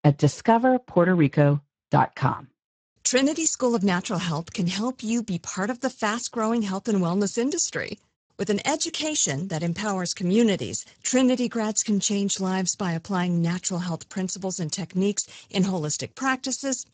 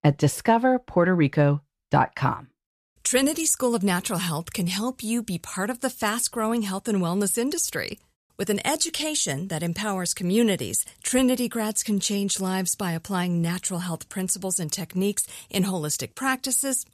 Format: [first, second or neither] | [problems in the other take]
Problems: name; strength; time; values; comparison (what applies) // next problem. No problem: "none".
second | garbled, watery; badly; nothing above 7.5 kHz